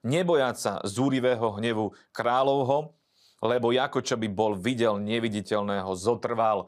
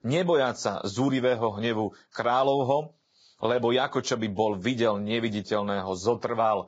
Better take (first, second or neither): first